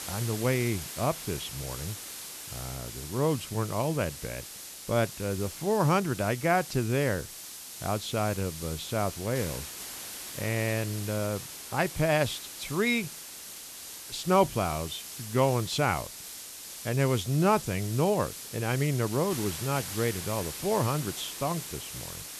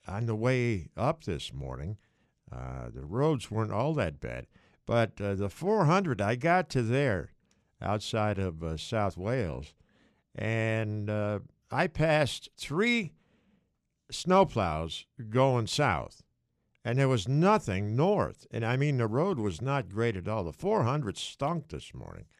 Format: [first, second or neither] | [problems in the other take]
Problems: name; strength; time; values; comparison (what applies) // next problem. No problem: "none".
second | hiss; loud; throughout; 9 dB below the speech